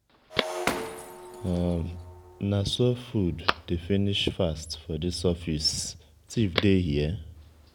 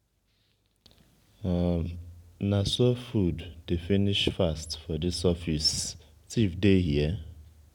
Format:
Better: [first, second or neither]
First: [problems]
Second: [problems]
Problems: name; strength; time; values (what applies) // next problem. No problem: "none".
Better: second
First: background sound (Shatter + Telephone); 9 dB below the speech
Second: none